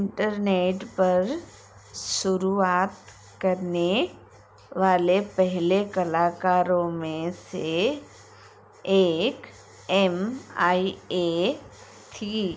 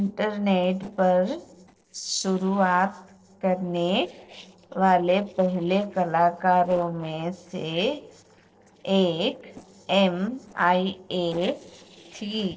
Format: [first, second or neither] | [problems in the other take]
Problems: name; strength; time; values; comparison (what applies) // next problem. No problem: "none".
first | noise reduction (neural separator model SepFormer DNS4)